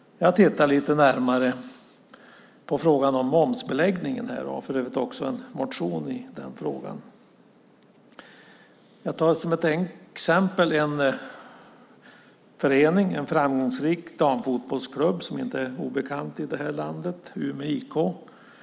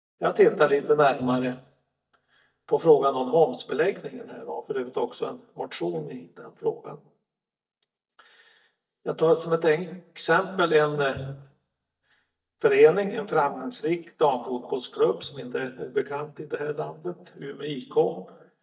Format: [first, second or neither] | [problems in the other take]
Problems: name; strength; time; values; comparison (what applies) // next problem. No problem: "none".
first | noise reduction (neural mask model DeepFilterNet 3)